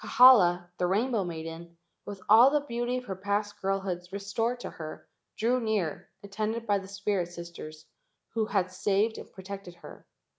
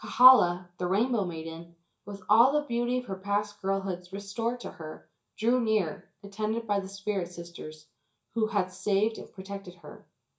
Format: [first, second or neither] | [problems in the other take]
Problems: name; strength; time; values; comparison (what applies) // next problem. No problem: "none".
first | room echo; dies away in 0.2 s